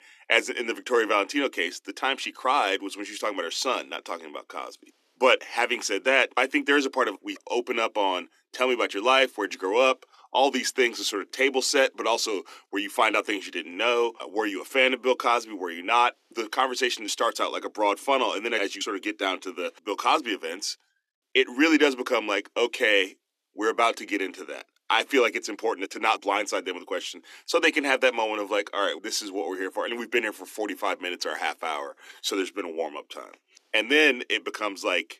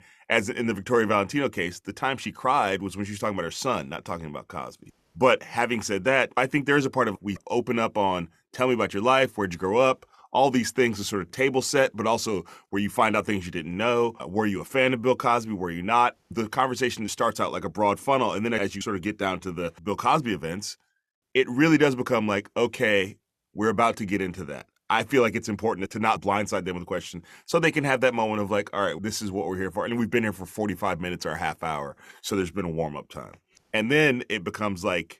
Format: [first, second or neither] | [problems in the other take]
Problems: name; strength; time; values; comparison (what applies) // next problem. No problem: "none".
second | thin; very slightly; fading below 250 Hz